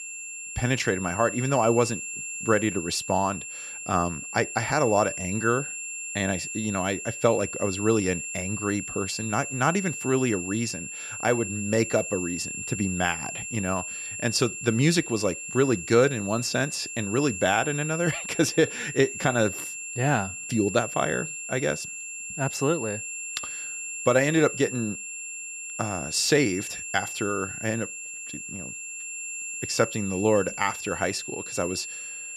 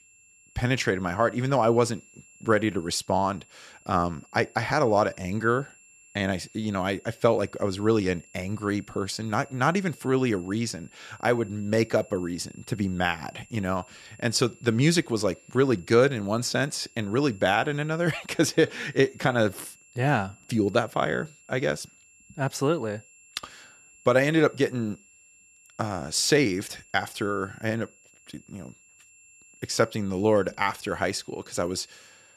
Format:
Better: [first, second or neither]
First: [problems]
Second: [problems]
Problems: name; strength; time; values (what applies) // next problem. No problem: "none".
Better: second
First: high-pitched whine; loud; throughout; 2.5 kHz, 7 dB below the speech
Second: high-pitched whine; faint; throughout; 2.5 kHz, 25 dB below the speech